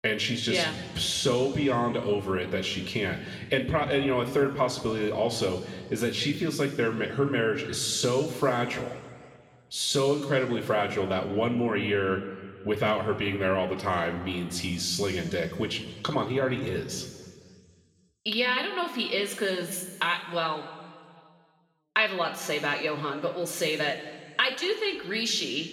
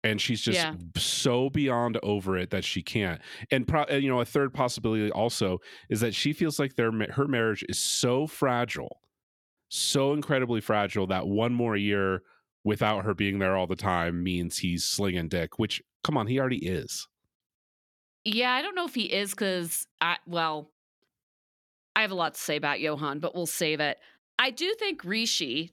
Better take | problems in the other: second | room echo; slight; dies away in 1.7 s // off-mic speech; somewhat distant

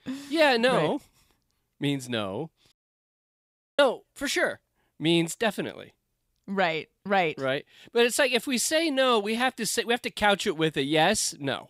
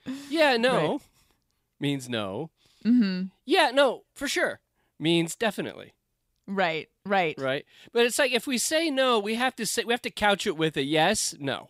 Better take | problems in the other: second | audio cutting out; at 2.5 s for 1 s

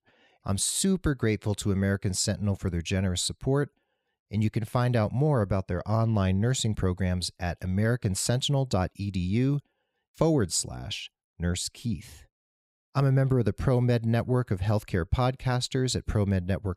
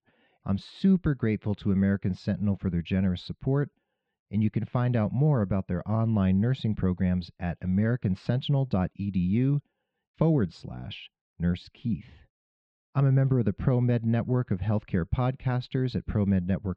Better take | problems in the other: first | muffled; very; fading above 3.5 kHz

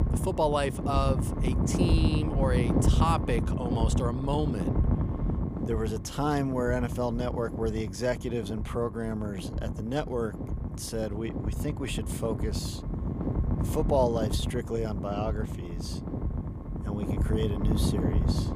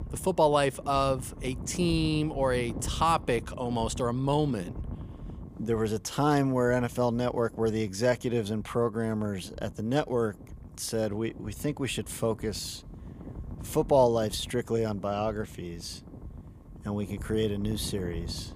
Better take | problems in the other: second | wind noise on the microphone; heavy; 7 dB below the speech; occasional gusts in the second

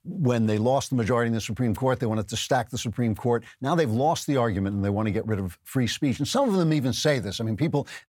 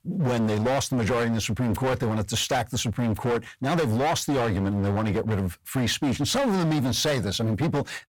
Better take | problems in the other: first | distortion; heavy; 25% of the sound clipped

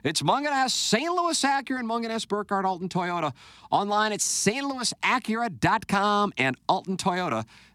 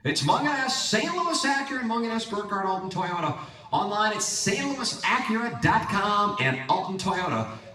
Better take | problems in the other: first | room echo; noticeable; dies away in 1 s // off-mic speech; far

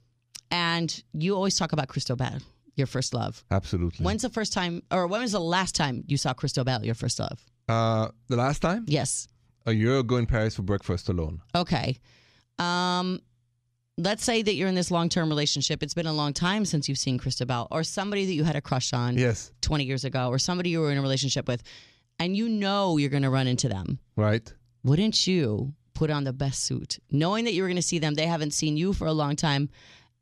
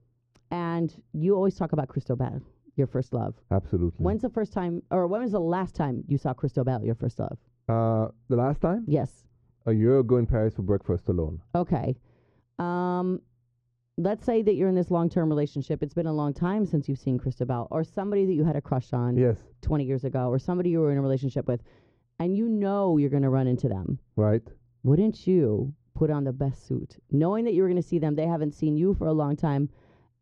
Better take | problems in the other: first | muffled; very; fading above 2 kHz

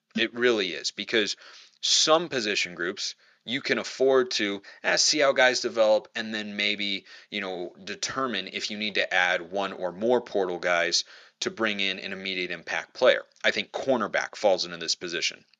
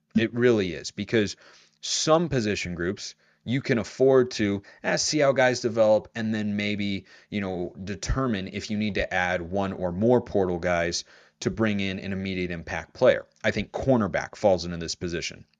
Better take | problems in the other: second | thin; somewhat; fading below 300 Hz

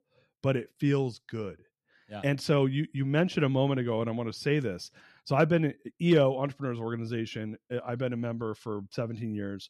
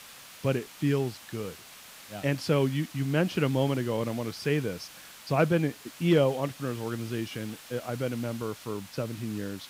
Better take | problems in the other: first | hiss; noticeable; throughout; 15 dB below the speech

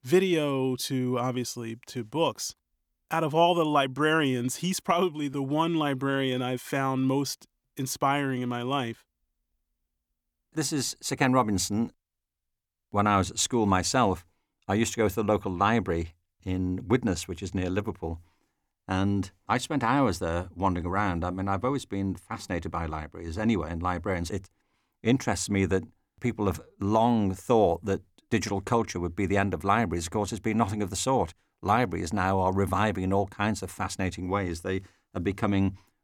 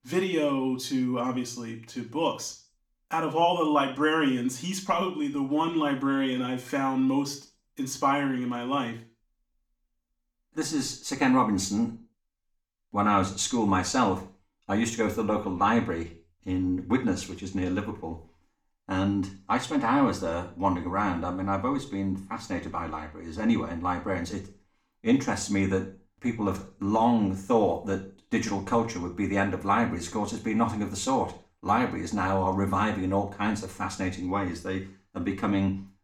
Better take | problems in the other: first | room echo; slight; dies away in 0.4 s // off-mic speech; far

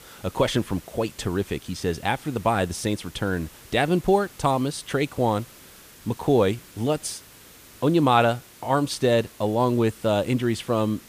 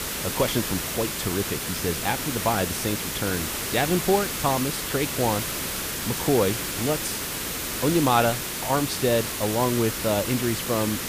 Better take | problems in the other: first | hiss; loud; throughout; 2 dB below the speech; faint in the first

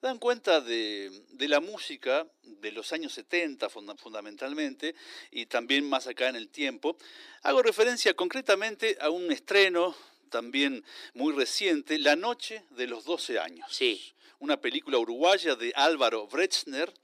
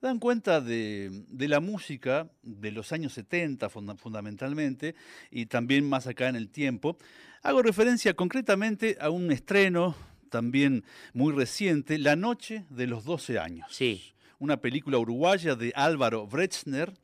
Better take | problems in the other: second | thin; somewhat; fading below 300 Hz

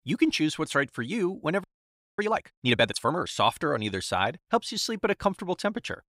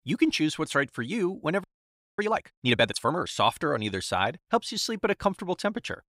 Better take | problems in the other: neither | audio freezing; at 1.5 s for 0.5 s; the same in both

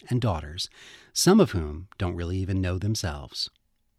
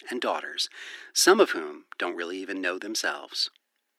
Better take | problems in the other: first | thin; very; fading below 300 Hz

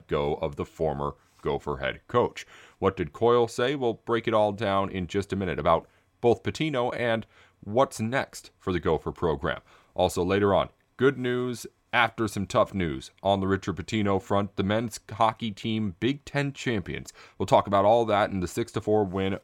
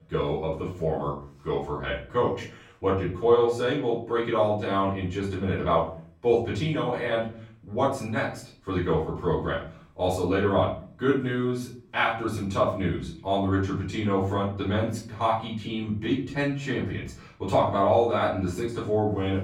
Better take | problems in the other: first | off-mic speech; far // room echo; noticeable; dies away in 0.5 s

